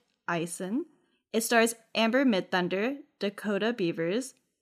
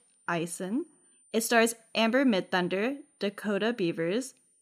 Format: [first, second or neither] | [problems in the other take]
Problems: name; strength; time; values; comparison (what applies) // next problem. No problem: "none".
first | high-pitched whine; faint; throughout; 9 kHz, 35 dB below the speech